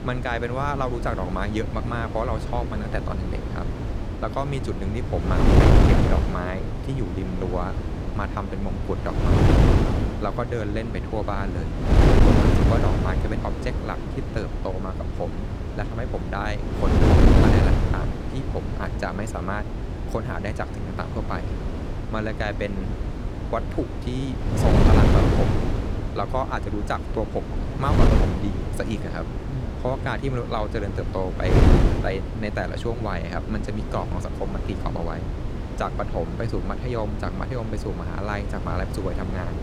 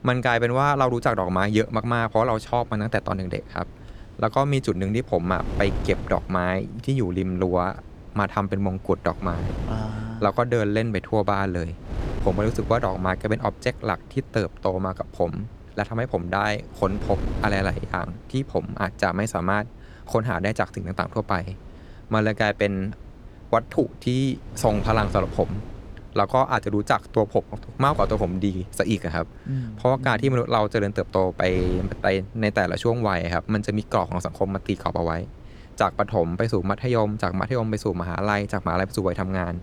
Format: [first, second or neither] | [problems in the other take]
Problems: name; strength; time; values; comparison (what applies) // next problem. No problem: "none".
second | wind noise on the microphone; heavy; as loud as the speech; occasional gusts in the second